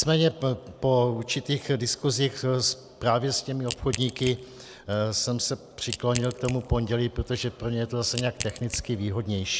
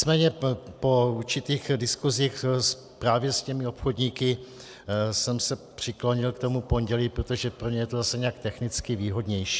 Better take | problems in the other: second | background sound (Crack / Crushing); 13 dB below the speech

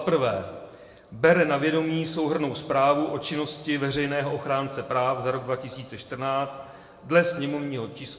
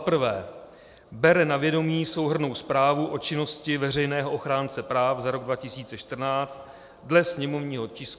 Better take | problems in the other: second | room echo; dies away in 1.3 s

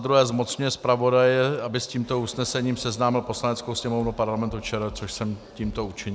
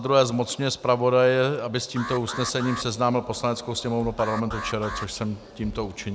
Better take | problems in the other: first | background sound (Alarm); 12 dB below the speech

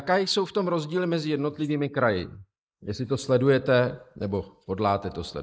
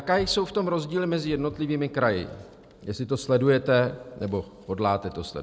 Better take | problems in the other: second | noise reduction (neural mask model Resemble Enhance denoiser)

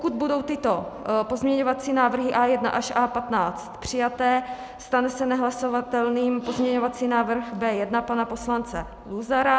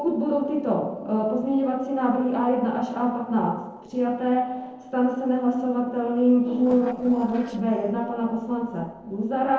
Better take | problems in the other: first | noise reduction (neural separator model SepFormer DNS4)

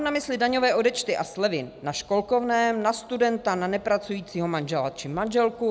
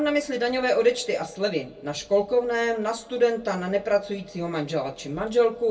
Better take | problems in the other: first | room echo; dies away in 0.2 s

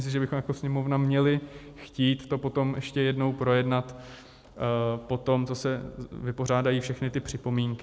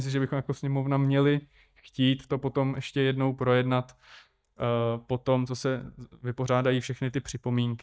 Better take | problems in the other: first | noise reduction (neural mask model DeepFilterNet 3)

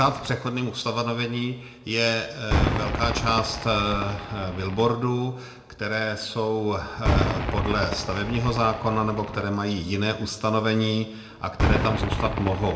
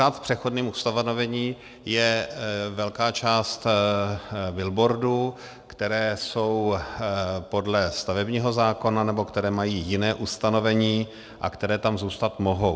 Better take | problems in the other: second | background sound (Cheering / Fireworks); 4 dB below the speech // room echo; dies away in 0.7 s

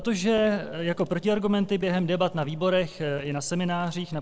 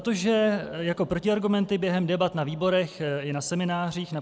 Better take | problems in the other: second | noise reduction (neural separator model SepFormer DNS4)

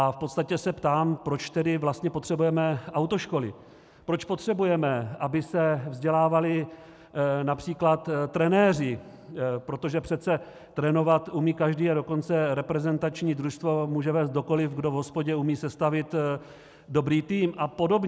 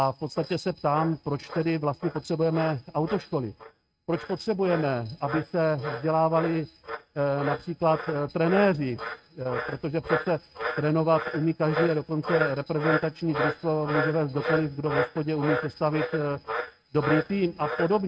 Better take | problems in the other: first | noise reduction (neural mask model RNNoise)

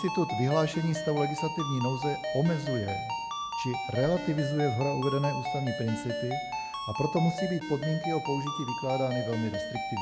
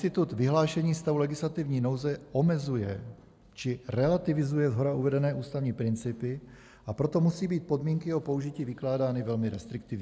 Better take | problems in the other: second | background sound (Ringtone); 4 dB below the speech

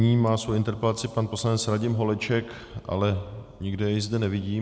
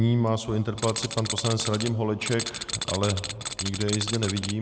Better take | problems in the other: first | background sound (Tools); 6 dB below the speech

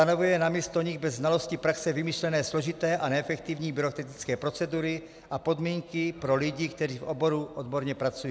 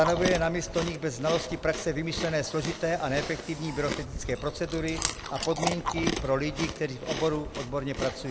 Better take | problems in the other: first | background sound (Chewing, mastication); 5 dB below the speech

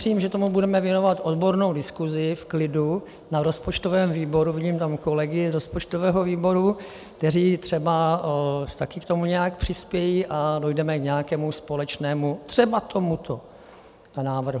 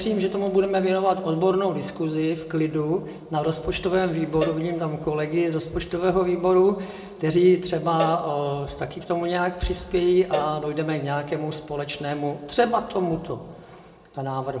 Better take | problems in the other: first | background sound (Cowbell); 13 dB below the speech // room echo; dies away in 0.9 s

